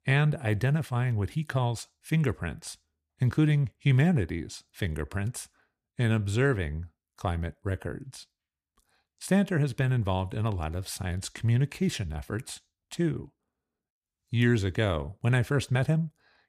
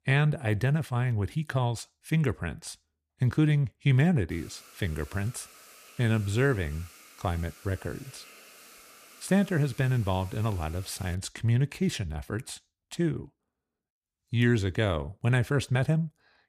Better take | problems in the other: first | hiss; faint; from 4.5 to 11 s; 20 dB below the speech

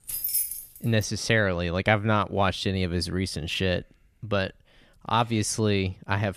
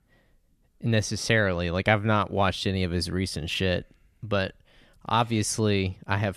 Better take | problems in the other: second | jangling keys; loud; at the start; peak 1 dB above the speech

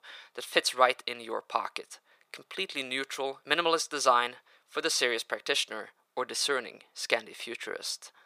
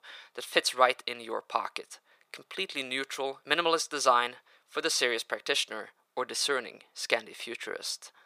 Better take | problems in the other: neither | thin; very; fading below 450 Hz; the same in both

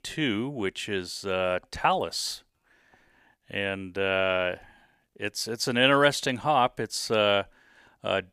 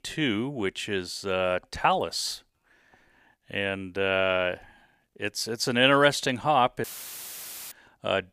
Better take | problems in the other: first | audio cutting out; filled with static; at 7 s for 1 s

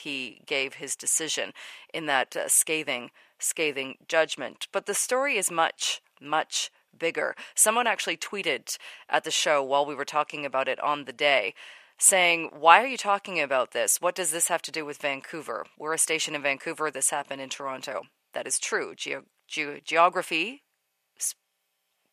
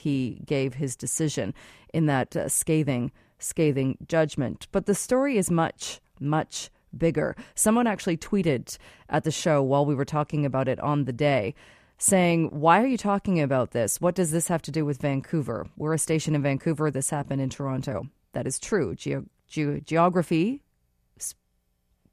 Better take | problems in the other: second | thin; very; fading below 750 Hz

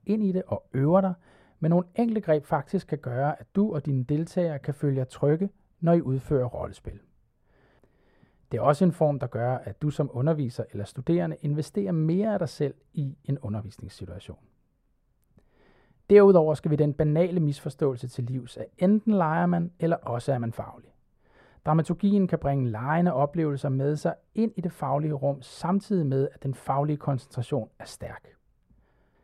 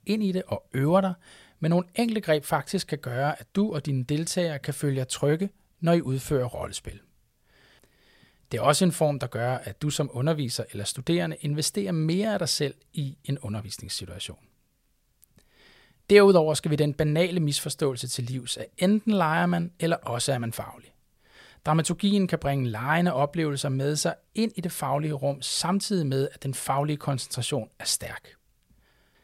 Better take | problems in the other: second | muffled; very; fading above 2 kHz

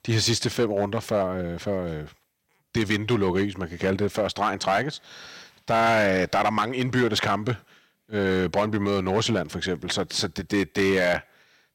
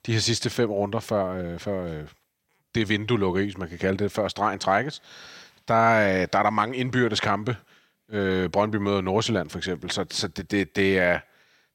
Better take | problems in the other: second | distortion; slight; 4% of the sound clipped

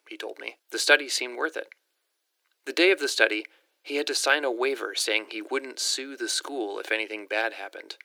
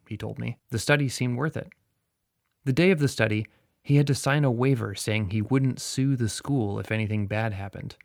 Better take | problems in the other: second | thin; very; fading below 350 Hz

